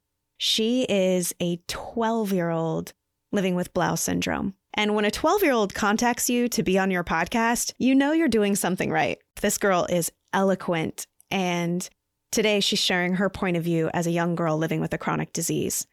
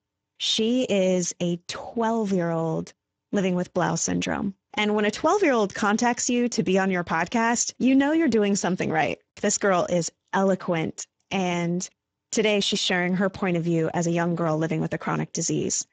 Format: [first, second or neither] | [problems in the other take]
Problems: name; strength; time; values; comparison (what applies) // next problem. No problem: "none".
first | garbled, watery; badly; nothing above 7.5 kHz